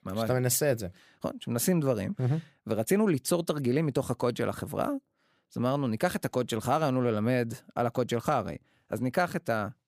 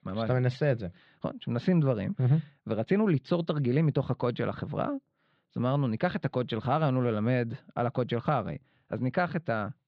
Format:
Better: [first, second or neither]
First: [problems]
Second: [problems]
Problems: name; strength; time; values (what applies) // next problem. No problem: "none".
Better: first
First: none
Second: muffled; slightly; fading above 4 kHz